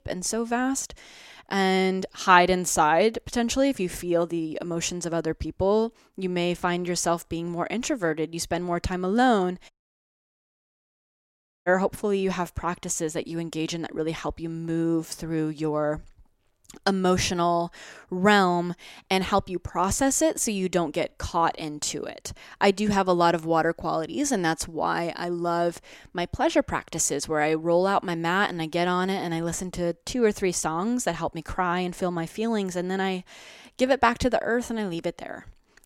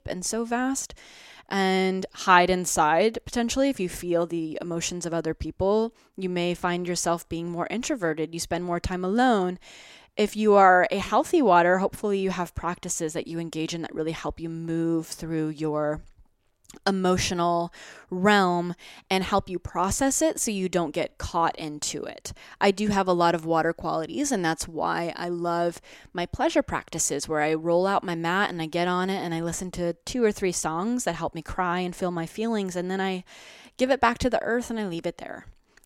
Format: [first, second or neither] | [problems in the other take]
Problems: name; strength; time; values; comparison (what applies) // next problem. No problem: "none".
second | audio cutting out; at 9.5 s for 2 s